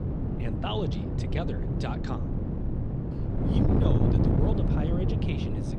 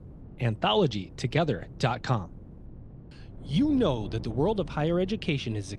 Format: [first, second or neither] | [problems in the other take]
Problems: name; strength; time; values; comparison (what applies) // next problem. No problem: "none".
second | wind noise on the microphone; heavy; 2 dB above the speech; occasional gusts in the second